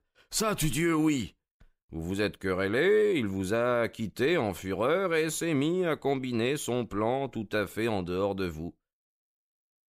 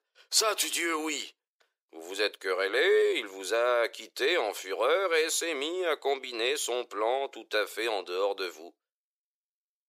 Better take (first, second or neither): first